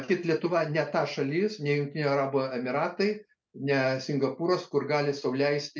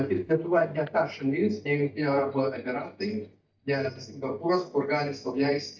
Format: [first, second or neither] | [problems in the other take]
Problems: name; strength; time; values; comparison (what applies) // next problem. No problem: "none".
first | noise reduction (neural mask model DeepFilterNet 3)